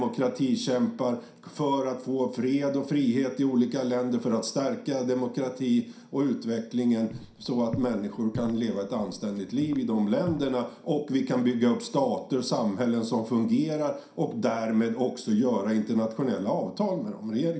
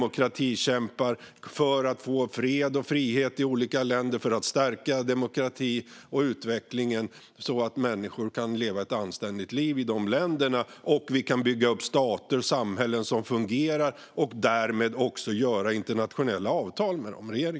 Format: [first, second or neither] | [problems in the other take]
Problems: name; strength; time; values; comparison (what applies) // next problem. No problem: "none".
second | background sound (Walk, footsteps); 15 dB below the speech // room echo; dies away in 0.5 s